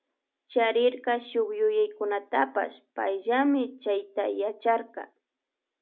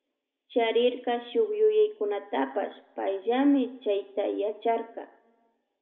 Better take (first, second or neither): first